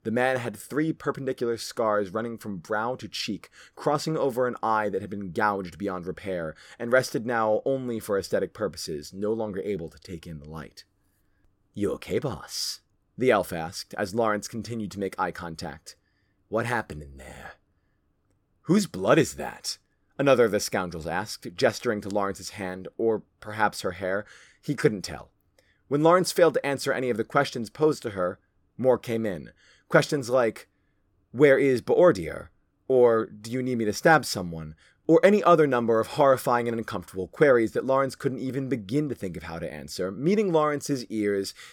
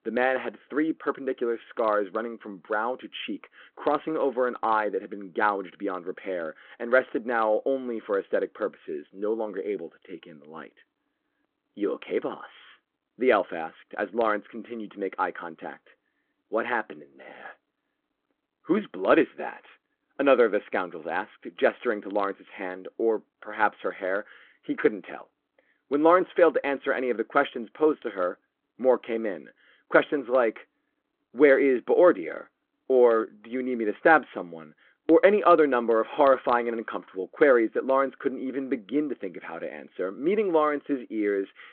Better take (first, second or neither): first